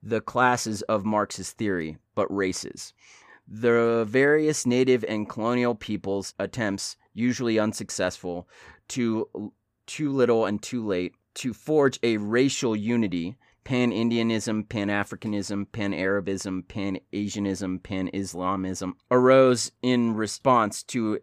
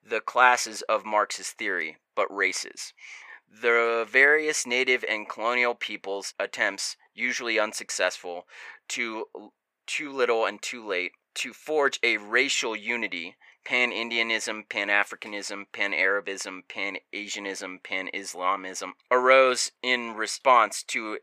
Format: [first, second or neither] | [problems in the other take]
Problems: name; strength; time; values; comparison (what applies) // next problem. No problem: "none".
first | thin; very; fading below 650 Hz